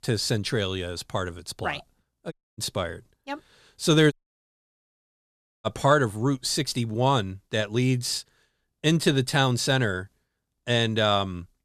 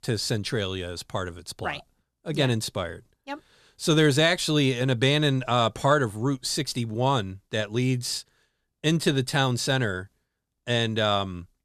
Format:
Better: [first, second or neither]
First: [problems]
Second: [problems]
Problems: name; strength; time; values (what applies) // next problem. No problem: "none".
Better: second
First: audio cutting out; at 2.5 s and at 4 s for 1.5 s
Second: none